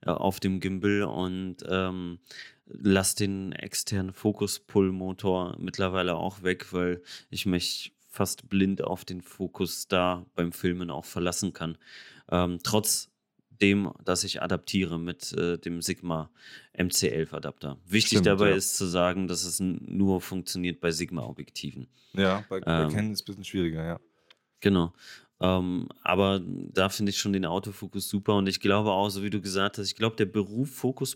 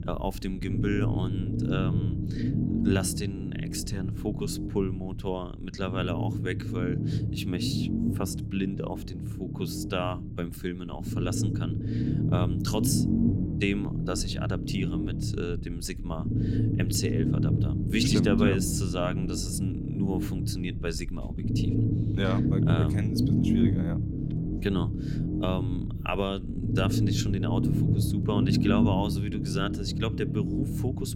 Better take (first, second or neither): first